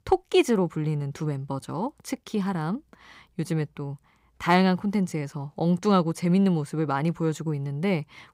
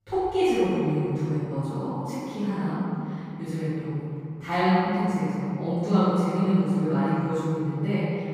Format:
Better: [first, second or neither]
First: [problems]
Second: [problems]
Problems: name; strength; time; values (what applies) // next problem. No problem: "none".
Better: first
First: none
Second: off-mic speech; far // room echo; strong; dies away in 2.6 s